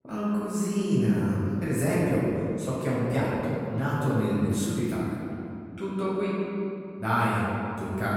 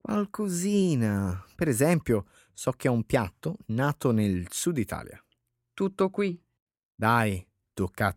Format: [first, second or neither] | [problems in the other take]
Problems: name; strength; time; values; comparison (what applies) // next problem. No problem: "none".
second | off-mic speech; far // room echo; strong; dies away in 2.5 s